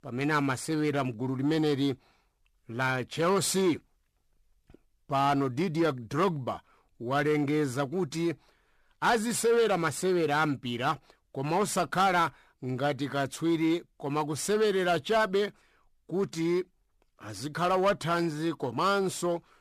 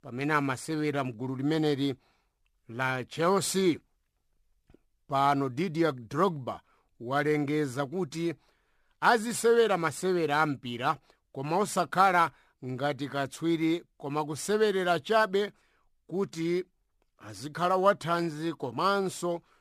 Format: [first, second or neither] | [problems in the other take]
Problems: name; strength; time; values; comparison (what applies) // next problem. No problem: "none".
second | distortion; slight; 10 dB below the speech